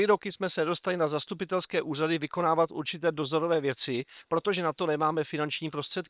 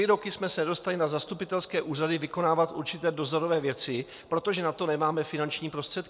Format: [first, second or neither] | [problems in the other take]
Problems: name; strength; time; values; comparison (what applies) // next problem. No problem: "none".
second | noise reduction (neural separator model SepFormer WHAM!)